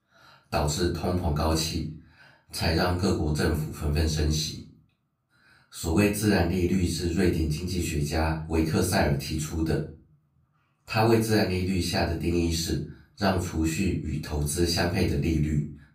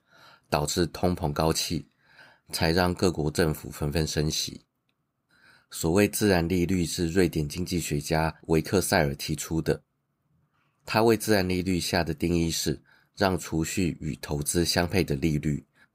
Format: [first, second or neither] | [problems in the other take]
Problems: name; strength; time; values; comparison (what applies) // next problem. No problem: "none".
second | off-mic speech; far // room echo; slight; dies away in 0.4 s